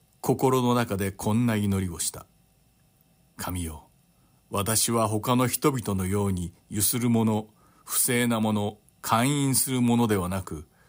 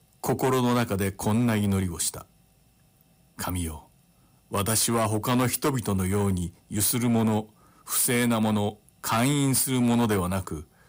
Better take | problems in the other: first | distortion; slight; 9% of the sound clipped

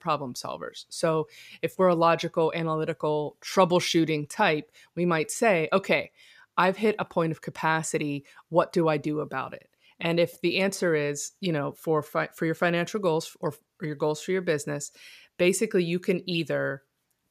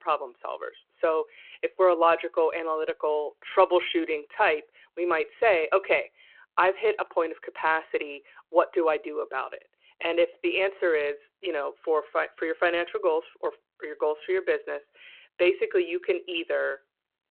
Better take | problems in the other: first | phone-call audio

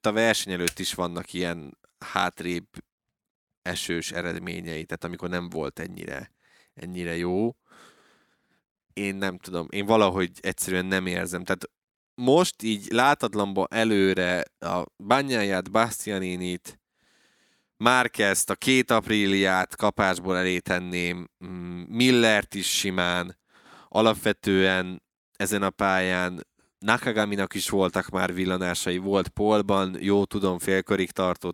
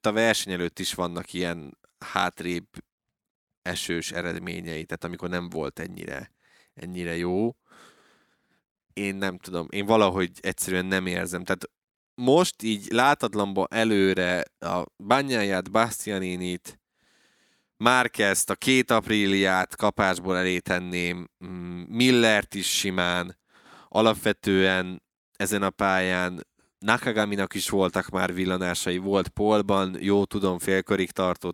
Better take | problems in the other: second | keyboard typing; very faint; at 0.5 s; peak 7 dB below the speech

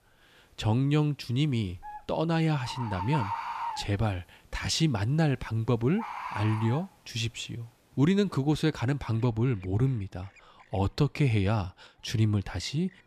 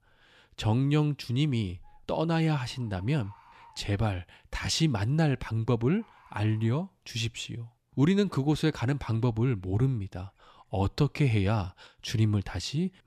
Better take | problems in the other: second | animal sounds; loud; throughout; 9 dB below the speech; faint in the second

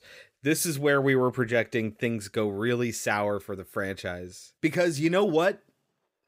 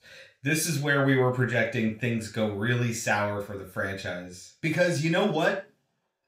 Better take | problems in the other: first | room echo; slight; dies away in 0.3 s // off-mic speech; somewhat distant

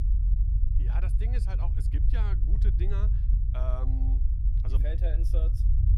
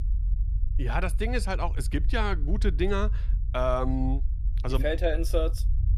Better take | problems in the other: second | low rumble; loud; throughout; 3 dB below the speech; faint in the second

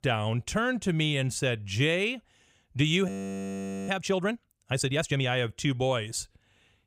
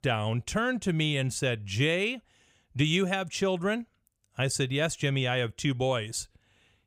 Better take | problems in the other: second | audio freezing; at 3 s for 1 s

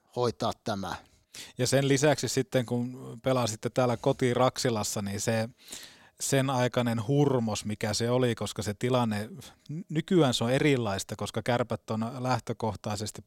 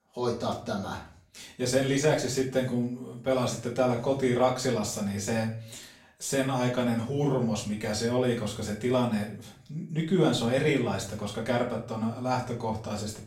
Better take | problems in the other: first | off-mic speech; far // room echo; slight; dies away in 0.4 s

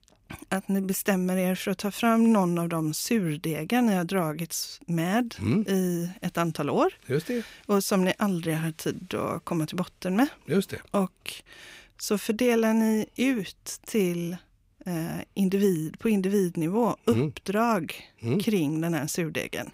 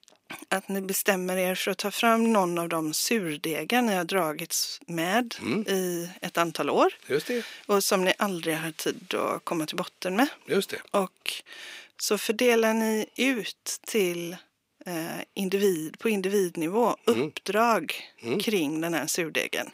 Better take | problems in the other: first | thin; very slightly; fading below 300 Hz

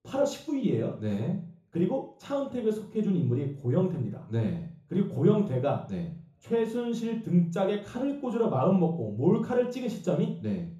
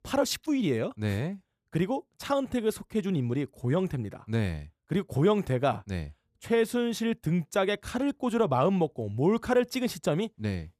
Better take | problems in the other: second | room echo; slight; dies away in 0.6 s // off-mic speech; far

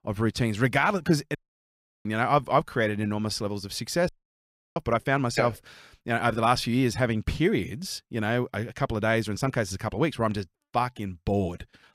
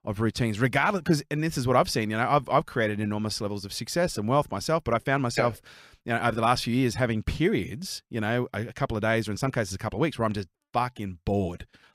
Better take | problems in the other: second | audio cutting out; at 1.5 s for 0.5 s and at 4 s for 0.5 s

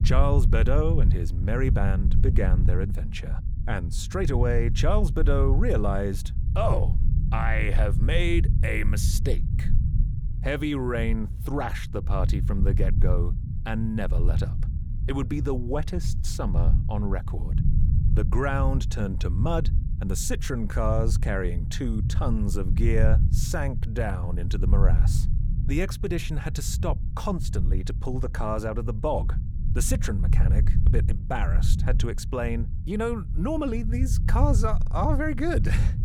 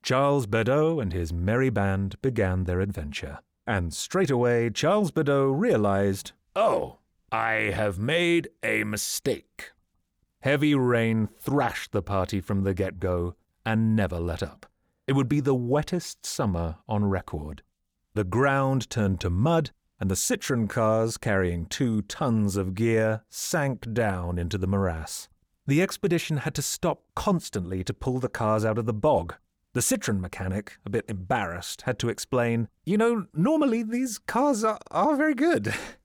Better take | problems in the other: second | low rumble; noticeable; throughout; 10 dB below the speech

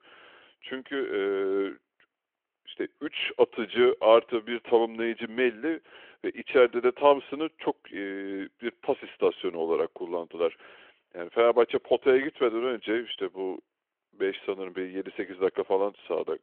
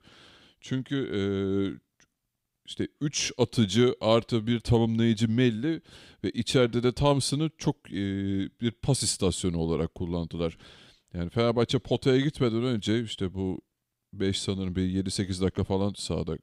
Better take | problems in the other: second | phone-call audio

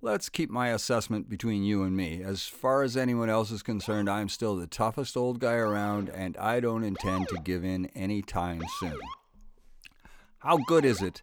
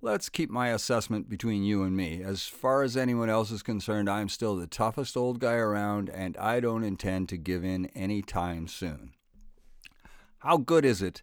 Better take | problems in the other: second | siren; noticeable; from 4 s on; peak 7 dB below the speech

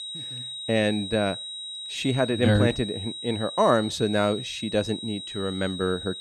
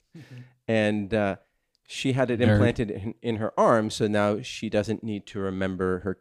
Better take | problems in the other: second | high-pitched whine; loud; throughout; 4 kHz, 8 dB below the speech

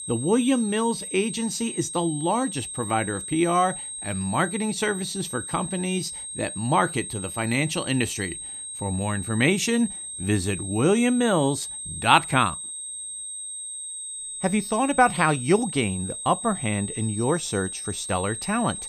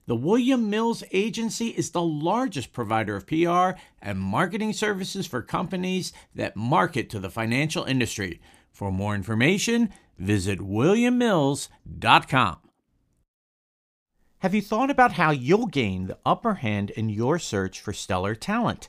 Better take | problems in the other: second | high-pitched whine; loud; throughout; 8.5 kHz, 7 dB below the speech

